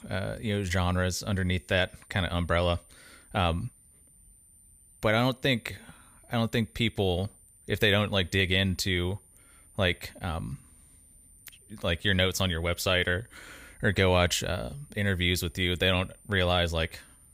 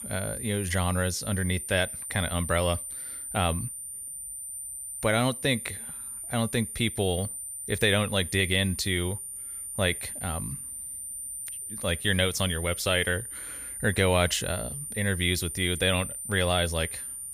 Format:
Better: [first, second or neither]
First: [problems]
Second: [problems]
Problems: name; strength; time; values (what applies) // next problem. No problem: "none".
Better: first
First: high-pitched whine; faint; throughout; 9 kHz, 25 dB below the speech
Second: high-pitched whine; loud; throughout; 9 kHz, 7 dB below the speech